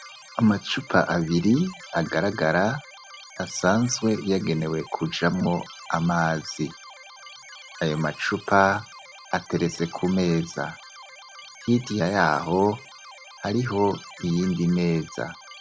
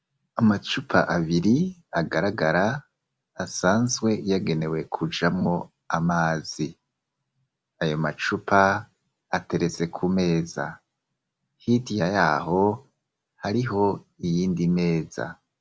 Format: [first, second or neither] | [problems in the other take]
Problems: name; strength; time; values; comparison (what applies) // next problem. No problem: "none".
second | background sound (Keyboard (musical)); 19 dB below the speech